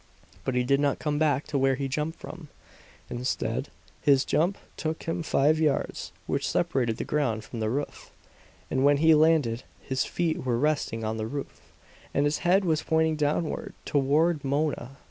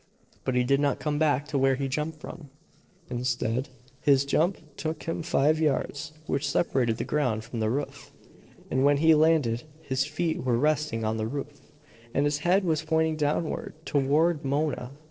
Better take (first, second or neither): first